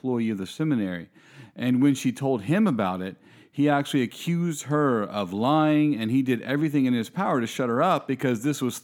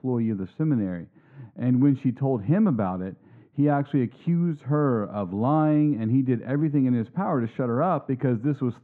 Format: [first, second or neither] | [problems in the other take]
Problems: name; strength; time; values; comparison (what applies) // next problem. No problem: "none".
first | muffled; very; fading above 1 kHz